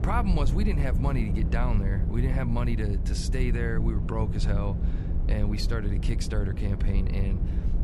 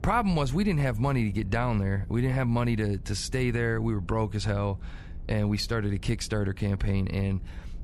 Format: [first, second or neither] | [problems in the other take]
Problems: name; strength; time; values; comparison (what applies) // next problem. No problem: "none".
second | low rumble; loud; throughout; 7 dB below the speech; faint in the second